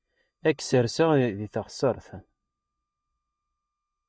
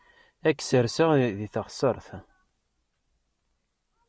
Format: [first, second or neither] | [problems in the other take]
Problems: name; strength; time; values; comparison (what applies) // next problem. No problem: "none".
second | noise reduction (neural mask model DeepFilterNet 3)